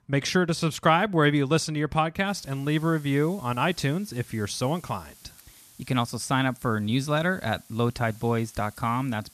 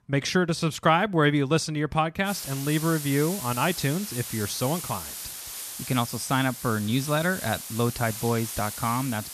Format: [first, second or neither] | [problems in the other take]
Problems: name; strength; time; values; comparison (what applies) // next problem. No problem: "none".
first | hiss; loud; from 2.5 s on; 8 dB below the speech; faint in the first